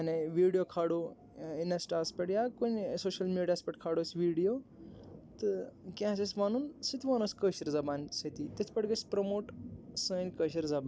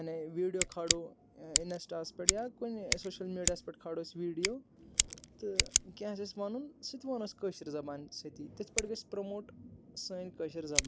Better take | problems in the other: first | background sound (Scissors); 2 dB above the speech

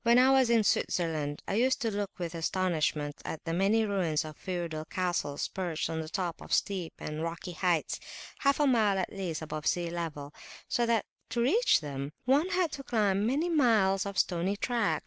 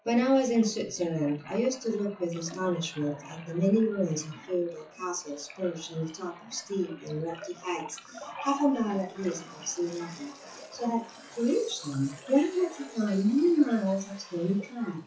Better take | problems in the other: first | noise reduction (classical method WPE with log-MMSE)

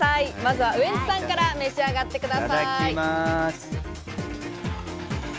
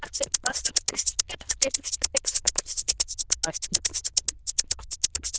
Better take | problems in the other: first | noise reduction (neural diffusion model UNIVERSE++)

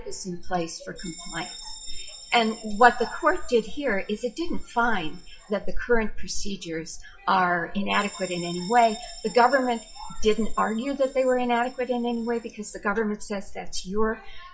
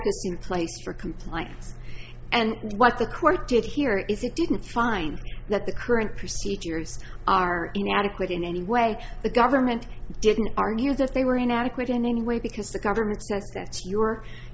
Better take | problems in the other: second | noise reduction (classical method WPE with log-MMSE)

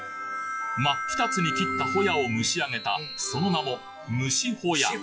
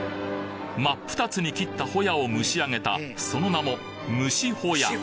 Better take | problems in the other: second | noise reduction (classical method log-MMSE)

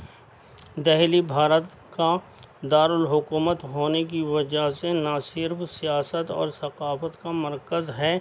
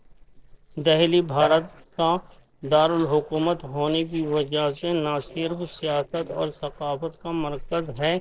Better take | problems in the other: first | noise reduction (neural separator model SepFormer DNS4)

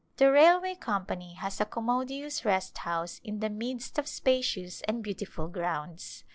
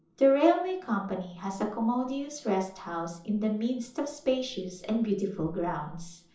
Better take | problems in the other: first | room echo; dies away in 0.6 s

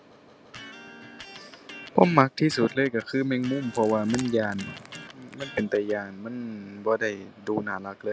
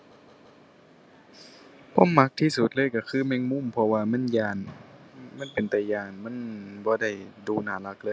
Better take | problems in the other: second | background sound (Wood + Electric guitar); 17 dB below the speech

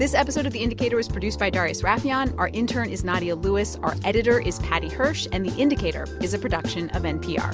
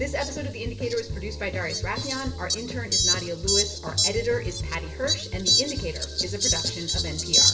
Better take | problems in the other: first | background sound (Fowl); 2 dB above the speech // room echo; dies away in 0.6 s

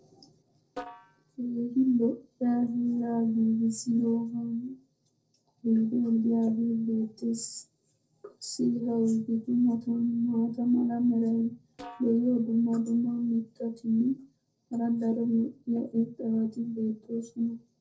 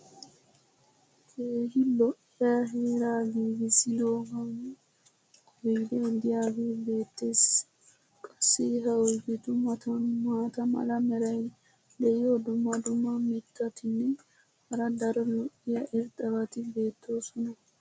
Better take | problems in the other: second | noise reduction (neural separator model SepFormer DNS4)

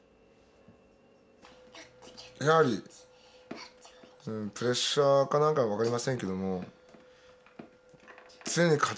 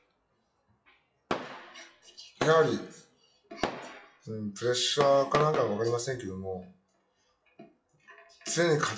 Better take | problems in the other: first | noise reduction (classical method WPE with log-MMSE)

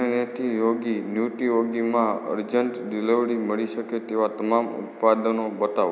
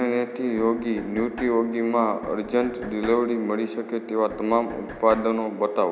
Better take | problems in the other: first | background sound (Knock); 18 dB below the speech

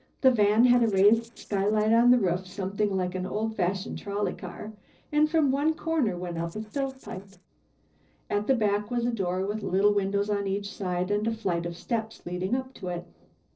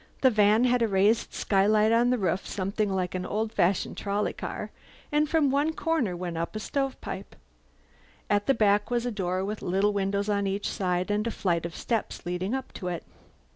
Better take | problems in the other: second | noise reduction (neural separator model SepFormer DNS4)

